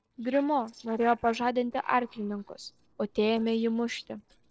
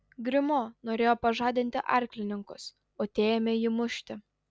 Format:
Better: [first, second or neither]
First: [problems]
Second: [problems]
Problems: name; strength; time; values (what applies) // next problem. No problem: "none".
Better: second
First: noise reduction (neural separator model SepFormer DNS4)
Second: none